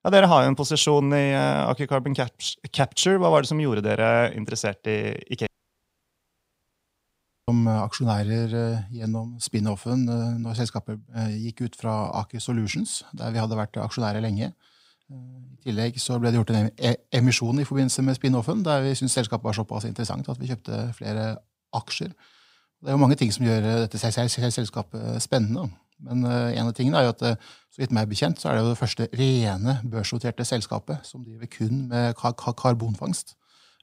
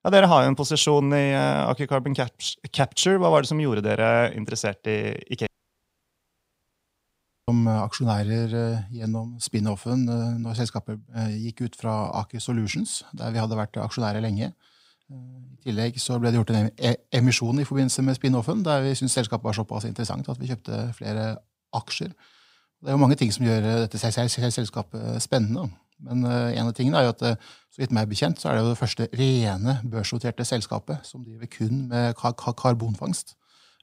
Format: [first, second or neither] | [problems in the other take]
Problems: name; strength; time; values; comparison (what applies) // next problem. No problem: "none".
neither | audio cutting out; at 5.5 s for 2 s; the same in both